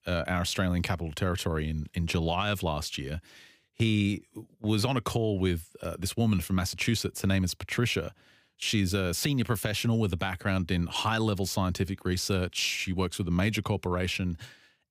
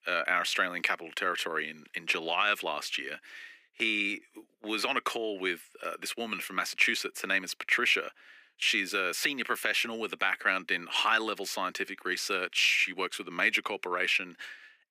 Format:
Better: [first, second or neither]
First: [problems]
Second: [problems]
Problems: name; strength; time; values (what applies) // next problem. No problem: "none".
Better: first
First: none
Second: thin; very; fading below 300 Hz